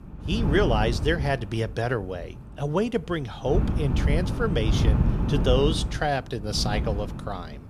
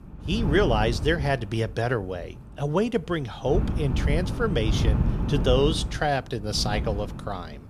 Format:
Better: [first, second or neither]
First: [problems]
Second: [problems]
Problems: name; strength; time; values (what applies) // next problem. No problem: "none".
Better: second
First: wind noise on the microphone; heavy; 8 dB below the speech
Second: wind noise on the microphone; occasional gusts; 10 dB below the speech